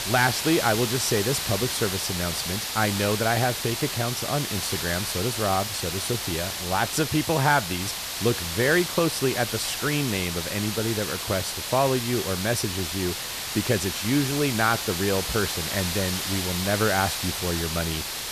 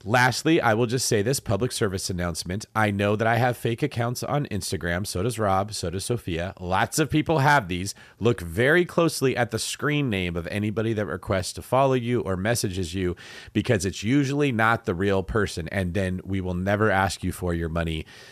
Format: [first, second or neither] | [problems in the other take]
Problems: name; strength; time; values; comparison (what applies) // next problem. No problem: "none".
second | hiss; loud; throughout; 2 dB below the speech